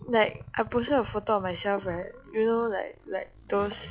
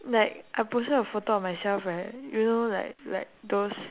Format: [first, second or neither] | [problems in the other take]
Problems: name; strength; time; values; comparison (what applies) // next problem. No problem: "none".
second | noise reduction (classical method log-MMSE)